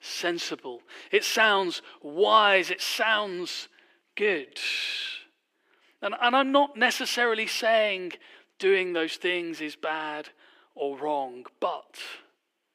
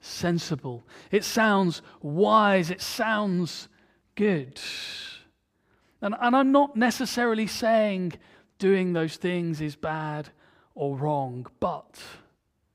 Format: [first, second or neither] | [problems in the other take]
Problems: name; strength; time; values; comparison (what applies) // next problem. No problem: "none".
second | thin; somewhat; fading below 350 Hz